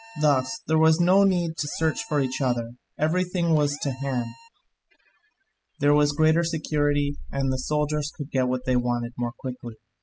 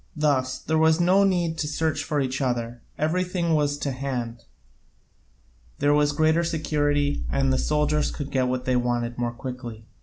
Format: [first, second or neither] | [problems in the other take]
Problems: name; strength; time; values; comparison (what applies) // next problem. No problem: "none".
second | noise reduction (classical method spectral subtraction)